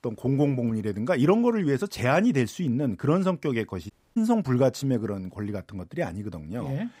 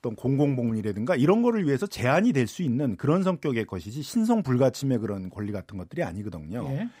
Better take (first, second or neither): second